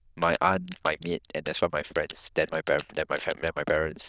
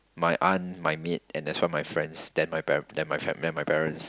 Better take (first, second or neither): second